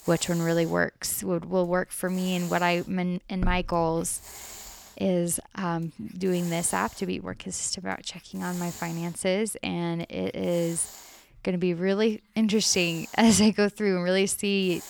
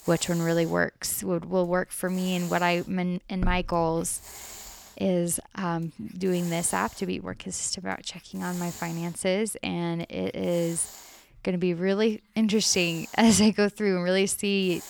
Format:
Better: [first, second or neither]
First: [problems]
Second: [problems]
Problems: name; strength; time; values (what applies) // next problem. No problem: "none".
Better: neither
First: hiss; noticeable; throughout; 15 dB below the speech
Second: hiss; noticeable; throughout; 15 dB below the speech